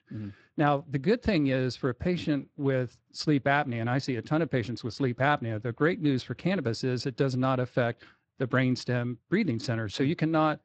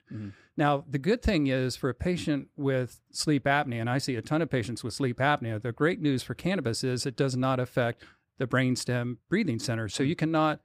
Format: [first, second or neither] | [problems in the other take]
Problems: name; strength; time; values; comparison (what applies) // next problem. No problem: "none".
second | garbled, watery; slightly; nothing above 8 kHz